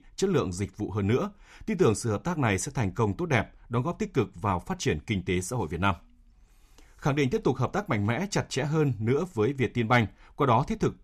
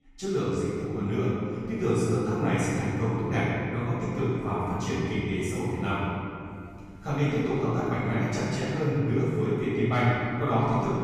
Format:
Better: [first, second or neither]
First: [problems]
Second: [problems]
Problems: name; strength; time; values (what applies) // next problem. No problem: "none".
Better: first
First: none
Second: room echo; strong; dies away in 2.4 s // off-mic speech; far